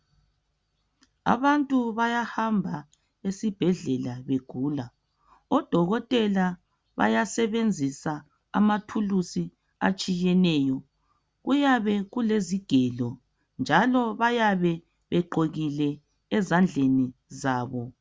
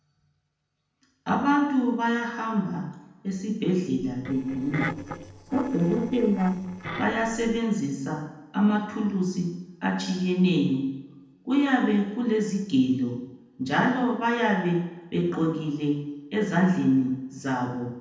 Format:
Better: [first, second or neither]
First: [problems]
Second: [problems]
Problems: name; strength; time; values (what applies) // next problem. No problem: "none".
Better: first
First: none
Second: noise reduction (neural separator model SepFormer DNS4)